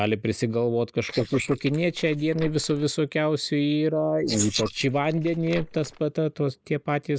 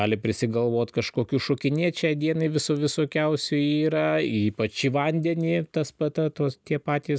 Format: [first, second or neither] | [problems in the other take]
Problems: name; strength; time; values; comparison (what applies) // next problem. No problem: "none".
second | noise reduction (neural mask model Resemble Enhance denoiser)